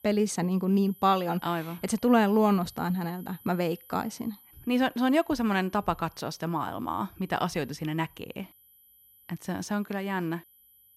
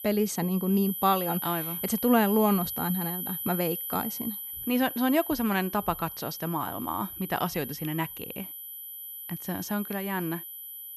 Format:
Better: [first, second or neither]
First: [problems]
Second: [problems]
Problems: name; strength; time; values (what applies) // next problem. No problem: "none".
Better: first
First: high-pitched whine; faint; throughout; 12 kHz, 25 dB below the speech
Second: high-pitched whine; loud; throughout; 12 kHz, 6 dB below the speech